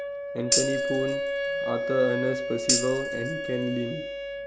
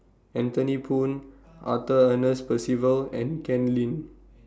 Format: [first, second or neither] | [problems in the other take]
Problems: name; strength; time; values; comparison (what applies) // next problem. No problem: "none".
second | background sound (Tambourine + Wind instrument, woodwind instrument); 2 dB above the speech